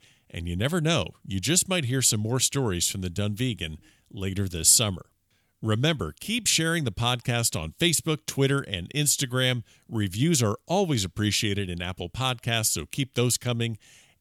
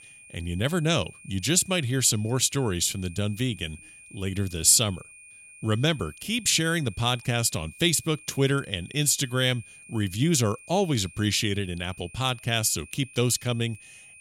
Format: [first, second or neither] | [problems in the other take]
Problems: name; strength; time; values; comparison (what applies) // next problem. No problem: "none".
first | high-pitched whine; faint; throughout; 2.5 kHz, 20 dB below the speech